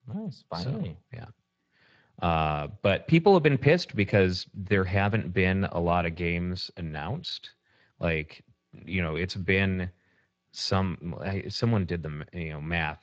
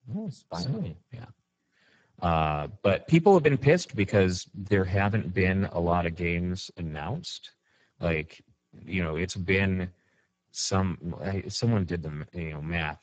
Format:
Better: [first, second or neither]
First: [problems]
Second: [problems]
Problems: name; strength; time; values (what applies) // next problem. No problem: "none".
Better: first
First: garbled, watery; slightly; nothing above 7.5 kHz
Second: garbled, watery; badly; nothing above 7.5 kHz